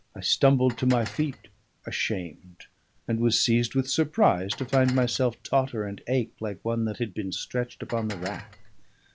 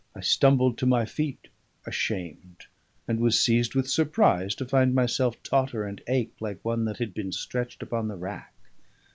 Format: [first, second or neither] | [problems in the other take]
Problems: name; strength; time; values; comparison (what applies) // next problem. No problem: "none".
second | background sound (Dishes, pots, and pans); 16 dB below the speech